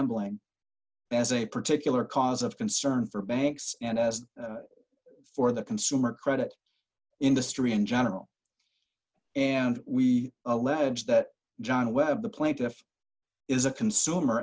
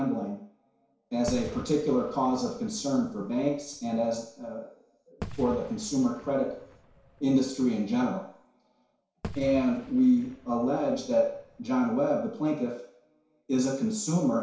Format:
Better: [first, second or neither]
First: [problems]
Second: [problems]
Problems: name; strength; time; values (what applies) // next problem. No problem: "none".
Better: first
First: none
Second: background sound (Fireworks); 17 dB below the speech // room echo; dies away in 0.6 s